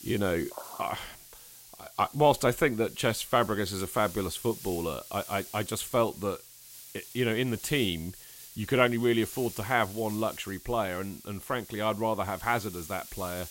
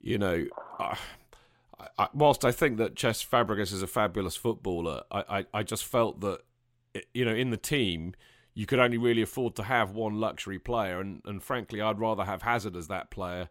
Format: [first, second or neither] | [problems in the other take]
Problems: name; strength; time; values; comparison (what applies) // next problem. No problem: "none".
second | hiss; noticeable; throughout; 15 dB below the speech